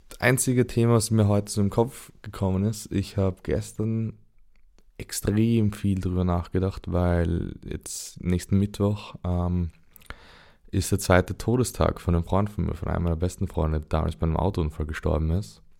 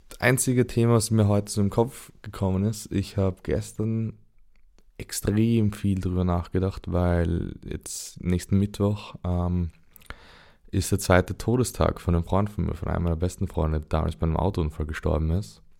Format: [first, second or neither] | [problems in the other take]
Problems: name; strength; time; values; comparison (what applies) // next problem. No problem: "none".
neither | none